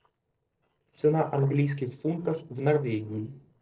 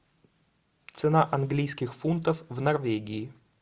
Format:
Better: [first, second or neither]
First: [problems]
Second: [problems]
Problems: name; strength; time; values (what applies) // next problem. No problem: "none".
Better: second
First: noise reduction (neural separator model SepFormer DNS4)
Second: none